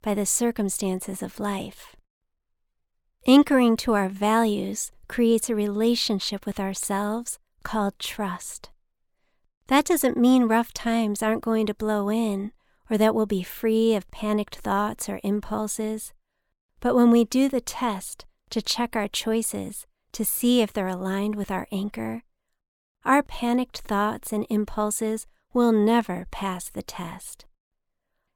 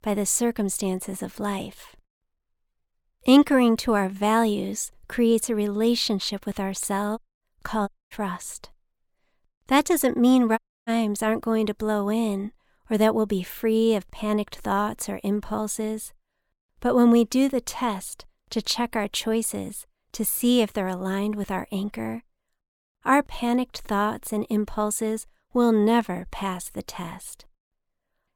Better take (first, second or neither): first